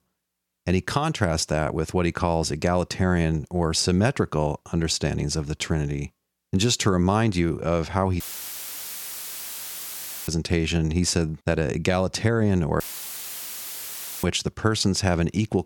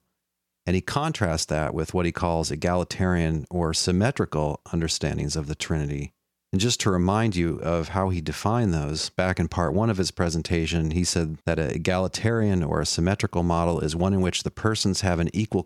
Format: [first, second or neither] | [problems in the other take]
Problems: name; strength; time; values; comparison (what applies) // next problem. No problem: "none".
second | audio cutting out; filled with static; at 8 s for 2 s and at 13 s for 1.5 s